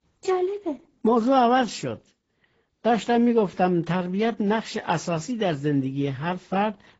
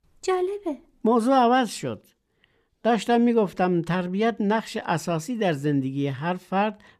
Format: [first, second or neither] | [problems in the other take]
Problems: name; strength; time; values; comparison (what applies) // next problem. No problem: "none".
second | garbled, watery; badly; nothing above 7.5 kHz